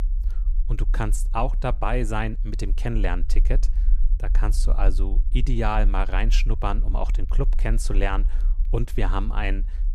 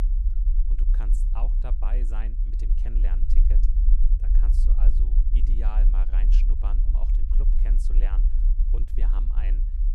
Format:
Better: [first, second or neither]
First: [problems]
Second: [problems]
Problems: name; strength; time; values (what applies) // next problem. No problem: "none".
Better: first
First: low rumble; faint; throughout; 20 dB below the speech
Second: low rumble; loud; throughout; 3 dB below the speech